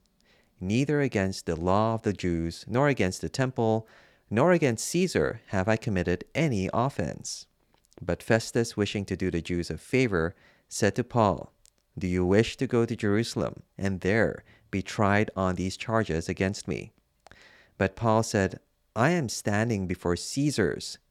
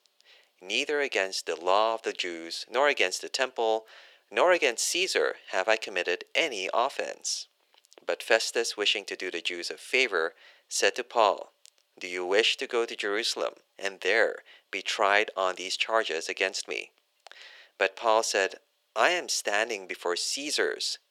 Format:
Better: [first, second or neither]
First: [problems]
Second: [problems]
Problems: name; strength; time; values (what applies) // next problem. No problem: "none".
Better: first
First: none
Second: thin; very; fading below 450 Hz